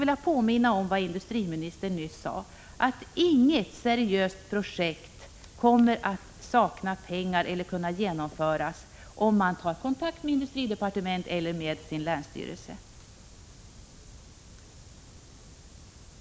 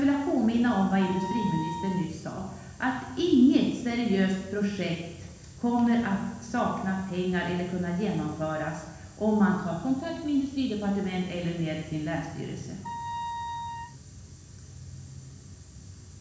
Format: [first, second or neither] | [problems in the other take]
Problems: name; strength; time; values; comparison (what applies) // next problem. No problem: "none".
first | background sound (Wind instrument, woodwind instrument); 8 dB below the speech // room echo; dies away in 1.1 s